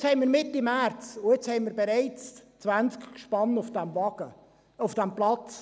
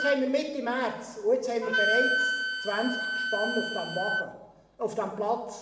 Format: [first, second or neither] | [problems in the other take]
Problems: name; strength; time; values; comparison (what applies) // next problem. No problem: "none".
first | background sound (Wind instrument, woodwind instrument); 2 dB below the speech // room echo; dies away in 0.9 s